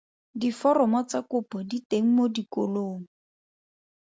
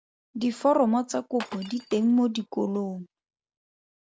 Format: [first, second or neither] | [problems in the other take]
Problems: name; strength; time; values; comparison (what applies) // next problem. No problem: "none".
first | background sound (Glass); 19 dB below the speech